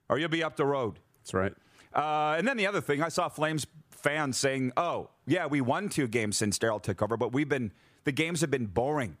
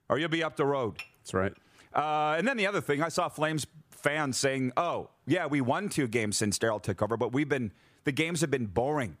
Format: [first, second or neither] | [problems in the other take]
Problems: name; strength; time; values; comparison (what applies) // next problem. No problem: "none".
first | clattering dishes; faint; at 1 s; peak 15 dB below the speech